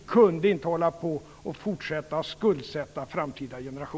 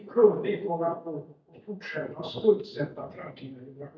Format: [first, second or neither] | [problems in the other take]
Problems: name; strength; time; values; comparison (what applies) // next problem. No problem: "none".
first | noise reduction (neural mask model DeepFilterNet 3)